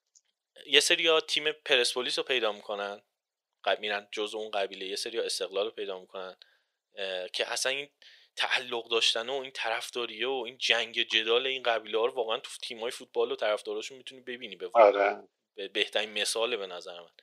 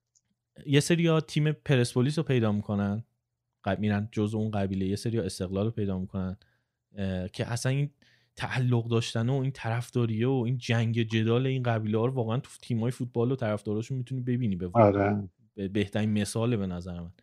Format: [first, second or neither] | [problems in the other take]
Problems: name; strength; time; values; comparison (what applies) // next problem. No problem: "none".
second | thin; very; fading below 500 Hz